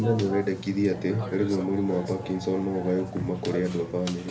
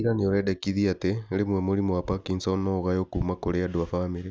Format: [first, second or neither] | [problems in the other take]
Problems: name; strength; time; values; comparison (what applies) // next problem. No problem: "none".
second | background sound (Burping, eructation); 11 dB below the speech // room echo; dies away in 0.3 s